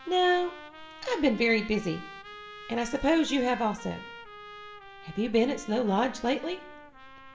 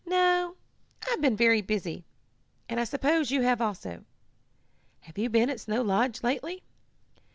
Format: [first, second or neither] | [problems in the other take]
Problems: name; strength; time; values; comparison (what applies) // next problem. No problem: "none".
second | background sound (Trumpet); 17 dB below the speech // room echo; dies away in 0.6 s